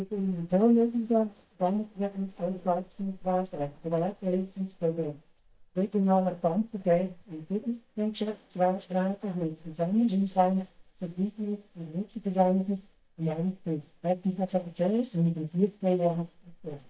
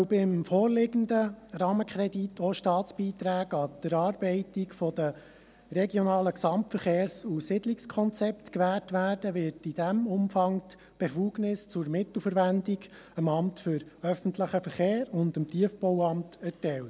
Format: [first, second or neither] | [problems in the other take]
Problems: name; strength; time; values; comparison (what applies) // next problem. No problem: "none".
second | noise reduction (neural mask model DeepFilterNet 3)